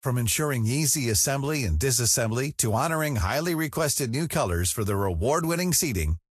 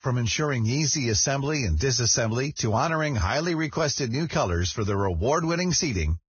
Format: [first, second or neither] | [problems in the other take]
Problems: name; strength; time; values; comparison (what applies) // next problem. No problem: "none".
first | garbled, watery; badly; nothing above 6.5 kHz; slightly in the first